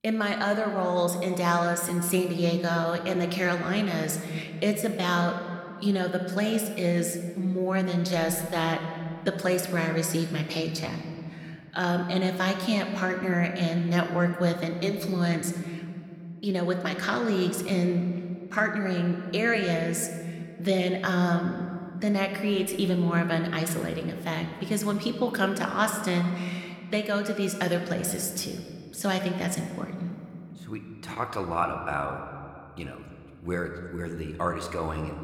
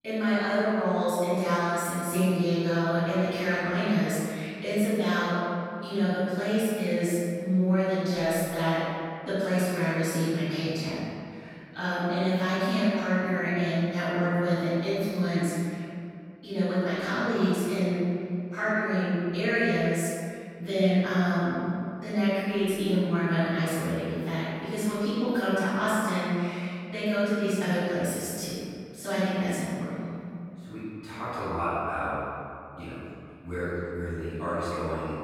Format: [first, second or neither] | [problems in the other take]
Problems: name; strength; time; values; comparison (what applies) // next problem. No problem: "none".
first | room echo; strong; dies away in 2.3 s; slight in the first // off-mic speech; far